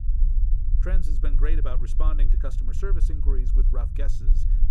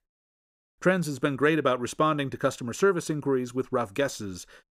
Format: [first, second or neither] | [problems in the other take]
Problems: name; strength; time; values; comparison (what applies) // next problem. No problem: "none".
second | low rumble; loud; throughout; 8 dB below the speech